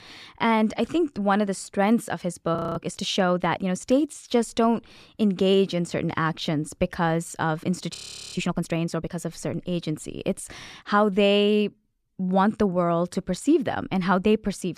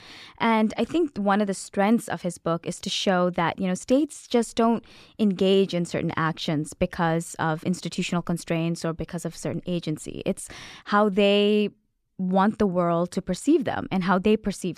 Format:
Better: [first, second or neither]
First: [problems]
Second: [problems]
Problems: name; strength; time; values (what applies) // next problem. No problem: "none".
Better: second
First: audio freezing; at 2.5 s and at 8 s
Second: none